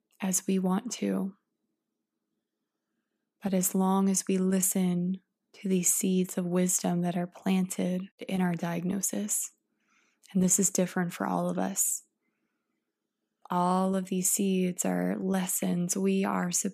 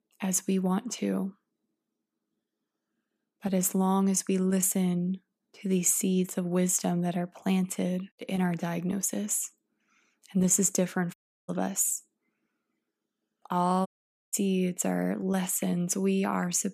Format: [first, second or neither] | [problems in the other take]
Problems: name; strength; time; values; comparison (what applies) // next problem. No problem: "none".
first | audio cutting out; at 11 s and at 14 s